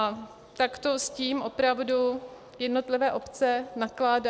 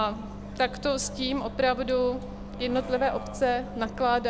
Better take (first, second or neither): first